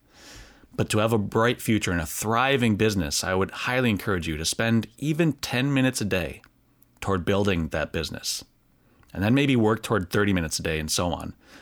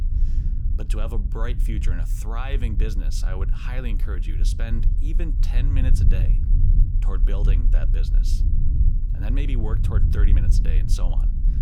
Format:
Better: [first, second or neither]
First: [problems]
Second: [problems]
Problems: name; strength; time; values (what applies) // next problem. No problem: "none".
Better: first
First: none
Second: low rumble; loud; throughout; 5 dB below the speech